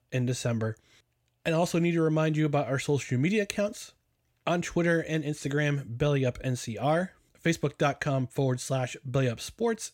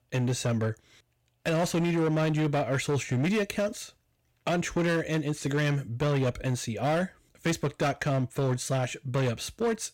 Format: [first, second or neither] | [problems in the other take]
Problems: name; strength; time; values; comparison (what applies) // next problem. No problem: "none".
first | distortion; slight; 14% of the sound clipped